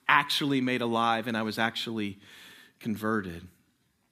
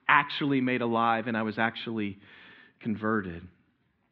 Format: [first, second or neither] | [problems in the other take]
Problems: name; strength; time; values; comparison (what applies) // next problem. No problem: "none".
first | muffled; slightly; fading above 3 kHz